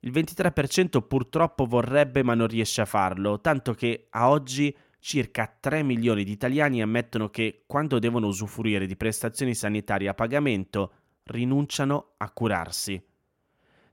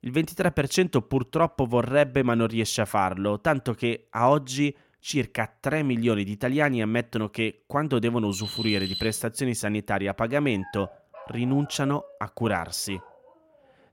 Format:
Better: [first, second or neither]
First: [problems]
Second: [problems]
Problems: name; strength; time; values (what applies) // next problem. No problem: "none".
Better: first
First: none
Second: alarm; noticeable; at 8.5 s; peak 4 dB below the speech // dog barking; faint; from 10 to 13 s; peak 10 dB below the speech